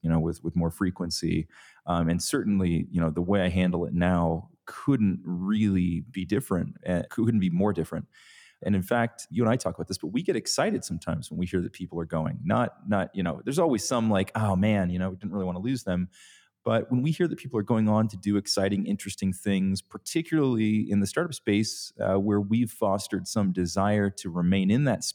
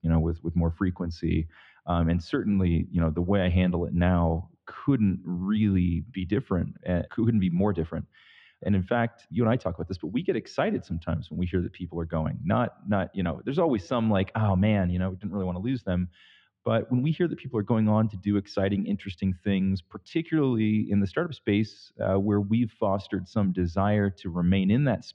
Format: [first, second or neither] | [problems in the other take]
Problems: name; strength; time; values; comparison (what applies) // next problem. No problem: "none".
first | muffled; slightly; fading above 3.5 kHz